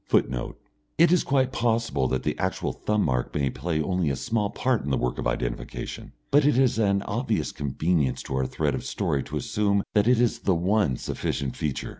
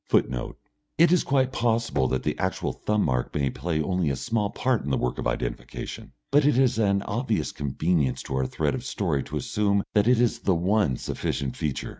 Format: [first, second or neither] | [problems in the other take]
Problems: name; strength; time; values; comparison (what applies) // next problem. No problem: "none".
first | noise reduction (neural mask model RNNoise)